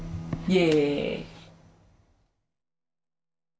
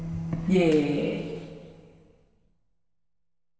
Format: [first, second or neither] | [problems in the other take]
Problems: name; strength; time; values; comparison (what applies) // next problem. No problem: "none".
first | room echo; dies away in 2.1 s